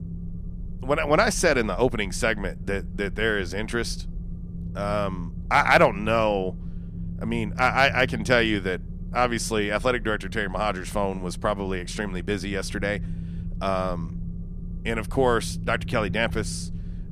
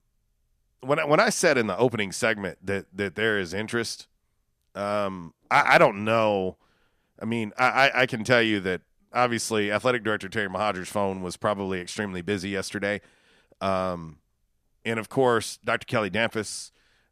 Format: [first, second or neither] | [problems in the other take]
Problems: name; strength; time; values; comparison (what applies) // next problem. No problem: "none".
second | low rumble; faint; throughout; 20 dB below the speech